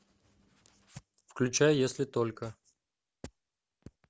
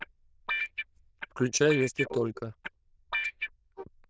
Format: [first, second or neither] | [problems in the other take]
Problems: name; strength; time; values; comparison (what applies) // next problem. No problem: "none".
first | noise reduction (neural diffusion model UNIVERSE++)